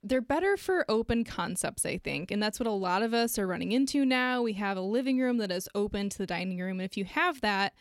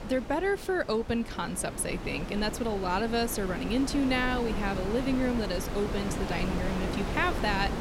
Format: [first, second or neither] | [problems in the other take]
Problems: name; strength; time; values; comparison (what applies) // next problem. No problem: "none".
first | wind noise on the microphone; heavy; 7 dB below the speech